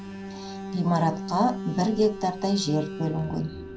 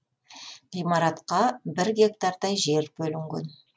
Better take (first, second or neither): second